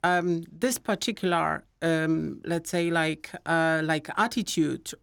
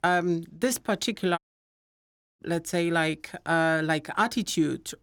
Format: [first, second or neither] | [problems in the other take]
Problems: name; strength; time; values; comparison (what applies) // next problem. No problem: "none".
first | audio cutting out; at 1.5 s for 1 s